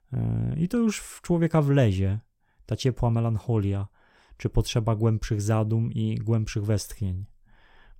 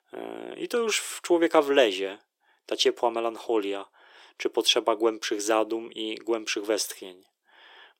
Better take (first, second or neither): first